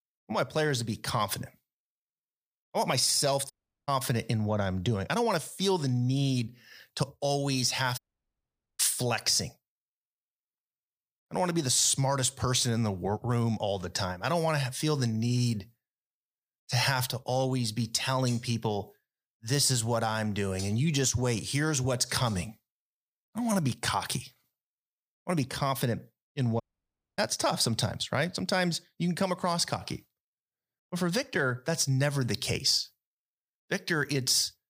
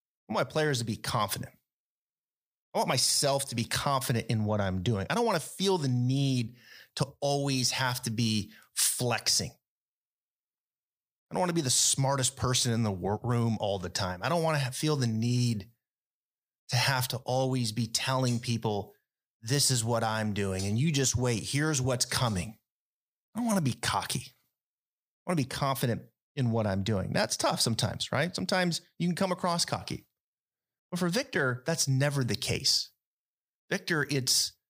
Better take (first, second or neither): second